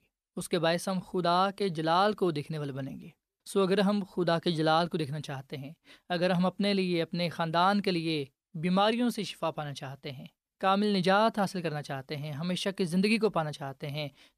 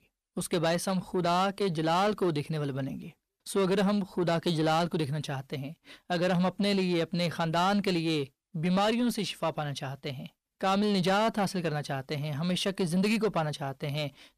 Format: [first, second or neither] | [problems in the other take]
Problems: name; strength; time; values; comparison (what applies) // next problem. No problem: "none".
first | distortion; slight; 10 dB below the speech